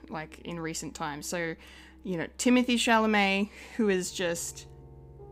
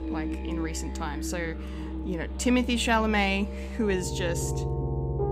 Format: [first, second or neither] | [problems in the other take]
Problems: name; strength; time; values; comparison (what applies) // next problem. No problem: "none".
first | background music; loud; throughout; 5 dB below the speech; faint in the first